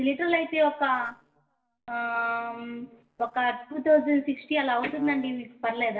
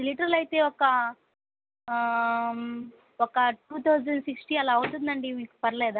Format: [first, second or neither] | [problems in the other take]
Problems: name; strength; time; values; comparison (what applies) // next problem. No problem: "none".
second | noise reduction (neural separator model SepFormer DNS4)